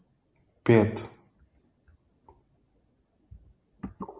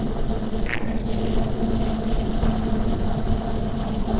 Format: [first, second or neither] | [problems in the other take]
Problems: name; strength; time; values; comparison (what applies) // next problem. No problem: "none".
first | noise reduction (neural separator model SepFormer DNS4)